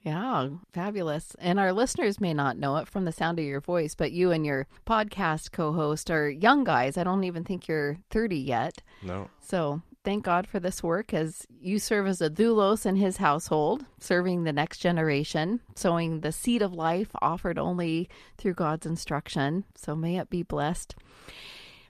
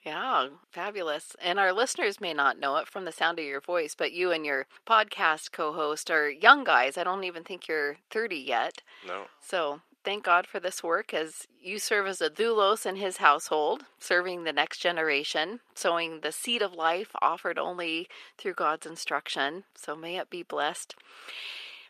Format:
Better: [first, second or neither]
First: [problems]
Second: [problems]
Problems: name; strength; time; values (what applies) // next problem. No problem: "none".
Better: first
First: none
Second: thin; very; fading below 400 Hz